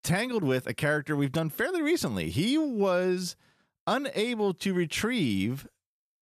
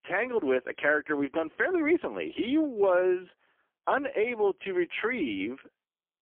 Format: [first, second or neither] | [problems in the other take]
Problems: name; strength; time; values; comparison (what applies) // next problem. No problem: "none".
first | phone-call audio; poor line; nothing above 3.5 kHz